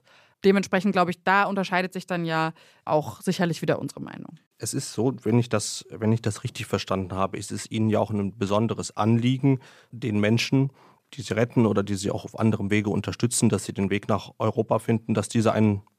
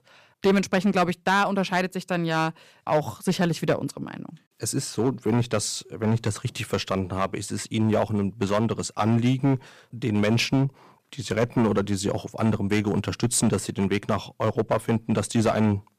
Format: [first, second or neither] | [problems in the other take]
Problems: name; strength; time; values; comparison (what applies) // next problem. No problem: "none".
first | distortion; slight; 4% of the sound clipped